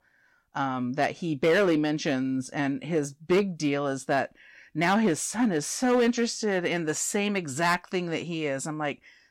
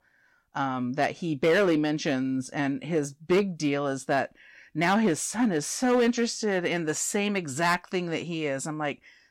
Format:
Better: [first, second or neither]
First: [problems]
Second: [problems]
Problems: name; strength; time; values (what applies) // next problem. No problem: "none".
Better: neither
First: distortion; slight; 3% of the sound clipped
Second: distortion; slight; 3% of the sound clipped